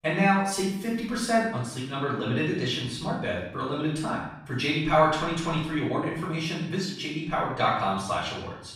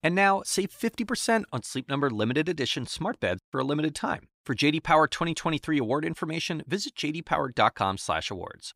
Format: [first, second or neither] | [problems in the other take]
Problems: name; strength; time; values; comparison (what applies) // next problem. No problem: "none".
second | off-mic speech; far // room echo; noticeable; dies away in 0.7 s